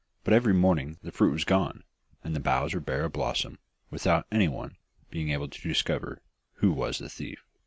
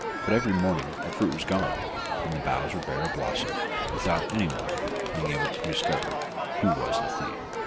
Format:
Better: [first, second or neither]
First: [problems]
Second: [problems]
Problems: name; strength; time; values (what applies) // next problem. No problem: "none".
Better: first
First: none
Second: background sound (Crowd); as loud as the speech